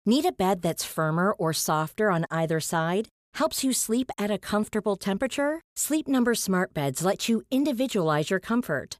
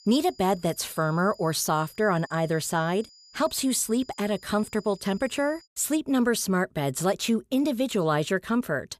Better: first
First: none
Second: high-pitched whine; faint; until 5.5 s; 5 kHz, 25 dB below the speech

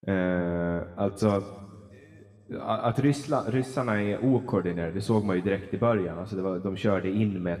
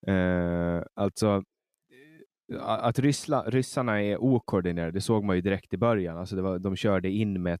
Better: second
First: room echo; slight; dies away in 2.7 s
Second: none

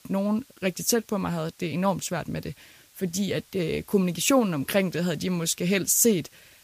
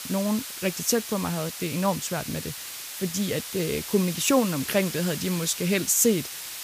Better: first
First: hiss; faint; throughout; 30 dB below the speech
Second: hiss; loud; throughout; 8 dB below the speech

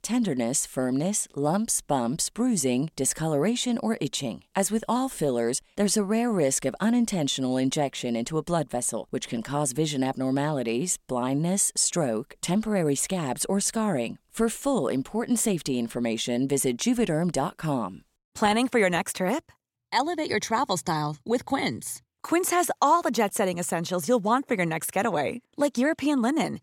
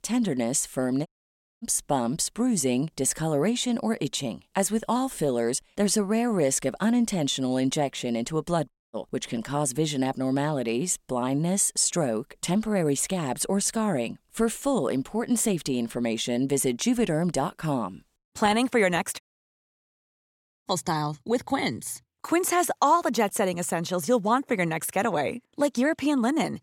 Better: first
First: none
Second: audio cutting out; at 1 s for 0.5 s, at 8.5 s and at 19 s for 1.5 s

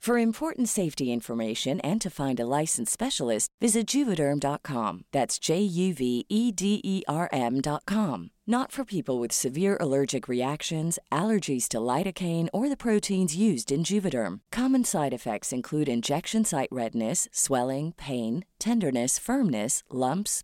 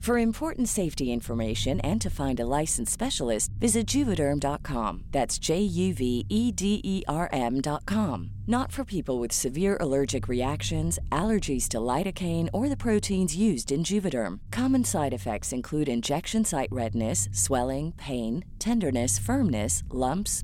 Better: first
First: none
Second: low rumble; faint; throughout; 25 dB below the speech

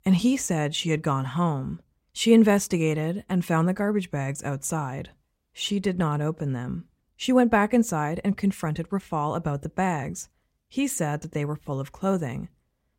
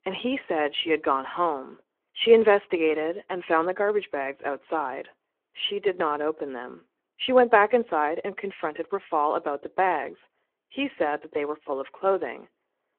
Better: first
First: none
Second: phone-call audio; nothing above 3 kHz

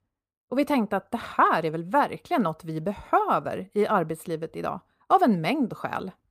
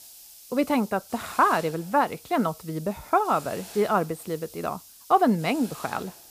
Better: first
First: none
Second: hiss; noticeable; throughout; 20 dB below the speech

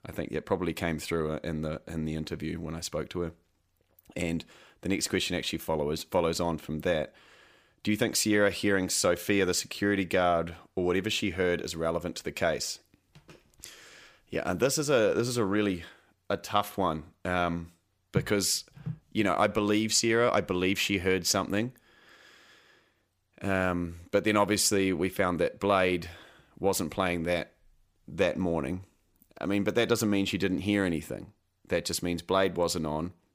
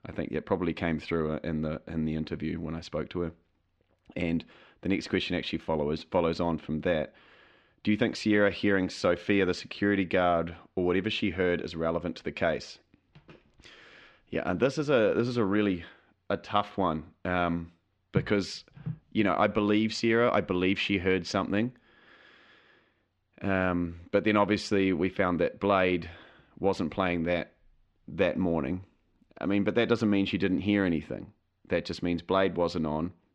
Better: first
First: none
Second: muffled; slightly; fading above 3.5 kHz

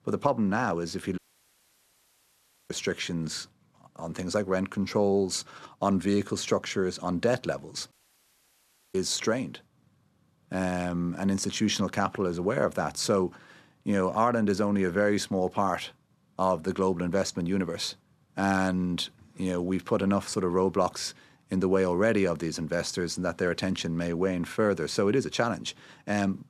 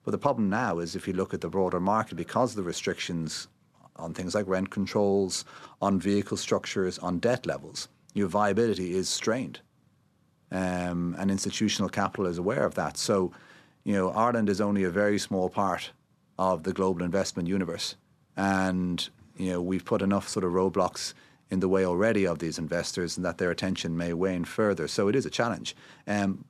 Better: second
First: audio cutting out; at 1 s for 1.5 s and at 8 s for 1 s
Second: none

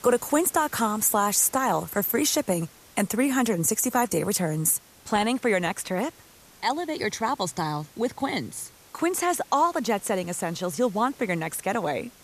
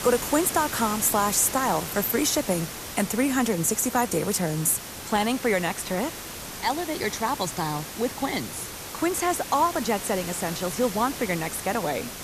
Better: first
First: hiss; faint; throughout; 25 dB below the speech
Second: hiss; loud; throughout; 9 dB below the speech

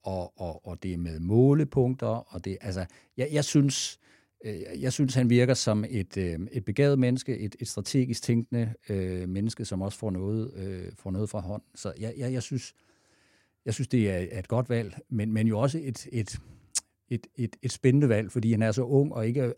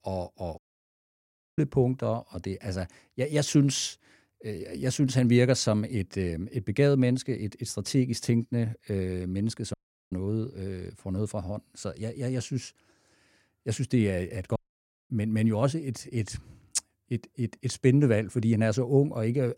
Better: first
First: none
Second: audio cutting out; at 0.5 s for 1 s, at 9.5 s and at 15 s for 0.5 s

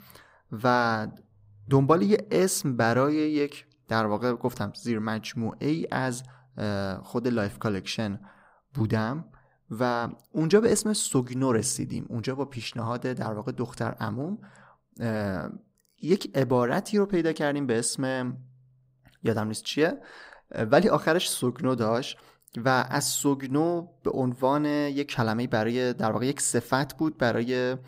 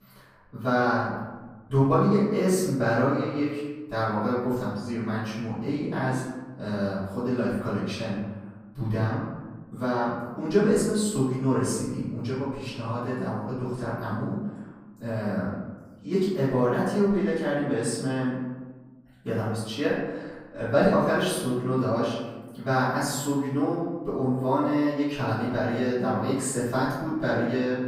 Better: first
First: none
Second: off-mic speech; far // room echo; noticeable; dies away in 1.2 s

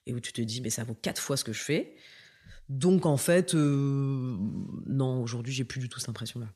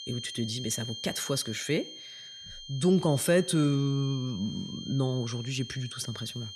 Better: first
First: none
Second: high-pitched whine; noticeable; throughout; 3 kHz, 10 dB below the speech

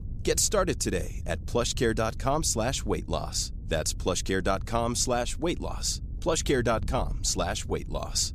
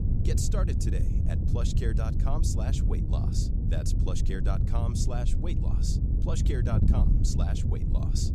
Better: first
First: wind noise on the microphone; occasional gusts; 25 dB below the speech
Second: wind noise on the microphone; heavy; 2 dB below the speech

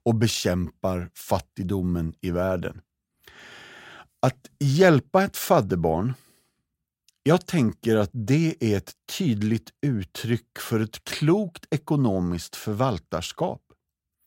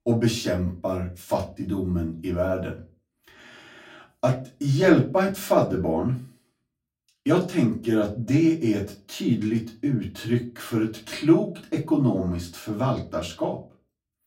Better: first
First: none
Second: off-mic speech; far // room echo; very slight; dies away in 0.3 s

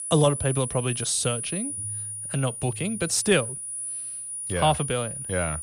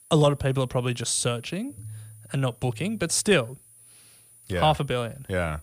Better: second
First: high-pitched whine; loud; throughout; 10 kHz, 5 dB below the speech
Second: high-pitched whine; faint; throughout; 10 kHz, 25 dB below the speech

